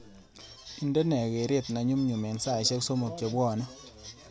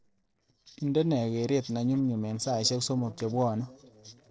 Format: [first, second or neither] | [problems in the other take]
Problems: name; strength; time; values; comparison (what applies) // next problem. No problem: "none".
first | noise reduction (neural separator model SepFormer DNS4)